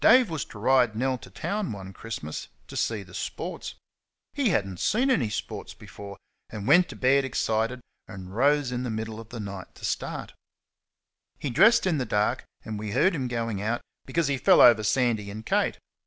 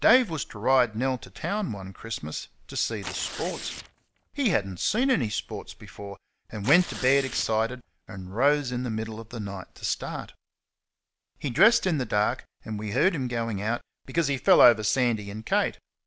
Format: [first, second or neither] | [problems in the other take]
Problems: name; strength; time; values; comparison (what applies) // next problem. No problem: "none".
first | background sound (Tearing); 13 dB below the speech